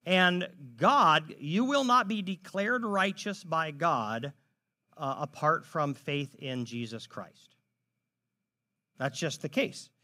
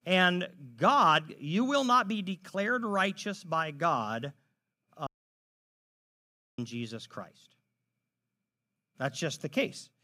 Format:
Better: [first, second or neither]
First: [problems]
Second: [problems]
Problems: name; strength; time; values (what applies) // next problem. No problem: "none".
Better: first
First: none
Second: audio cutting out; at 5 s for 1.5 s